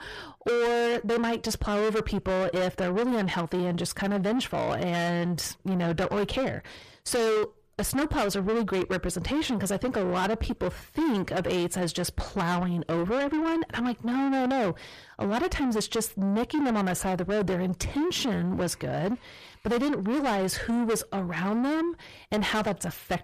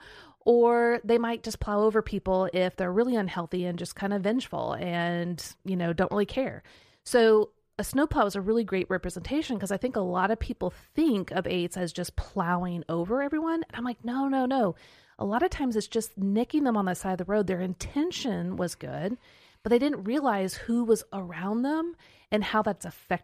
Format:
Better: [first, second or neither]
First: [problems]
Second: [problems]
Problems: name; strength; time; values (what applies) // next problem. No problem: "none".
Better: second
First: distortion; heavy; 6 dB below the speech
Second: none